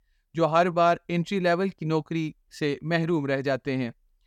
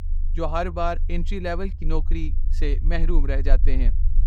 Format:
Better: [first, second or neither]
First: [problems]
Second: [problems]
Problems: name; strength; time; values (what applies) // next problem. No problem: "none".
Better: first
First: none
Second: low rumble; noticeable; throughout; 20 dB below the speech